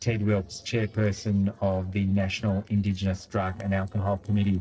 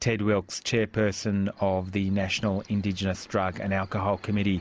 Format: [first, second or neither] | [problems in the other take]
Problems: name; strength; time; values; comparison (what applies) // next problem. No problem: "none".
second | noise reduction (neural separator model SepFormer DNS4)